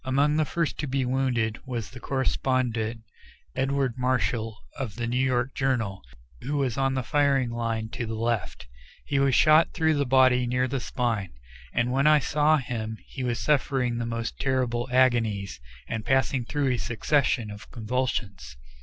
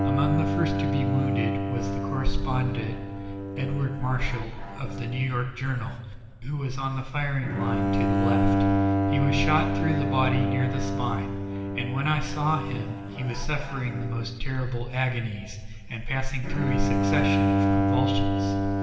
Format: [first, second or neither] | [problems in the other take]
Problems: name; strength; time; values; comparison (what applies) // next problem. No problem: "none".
first | background sound (Bowed string instrument); as loud as the speech // room echo; dies away in 2.1 s